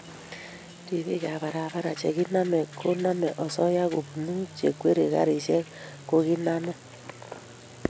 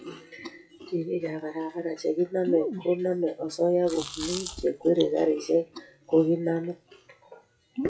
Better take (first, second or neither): first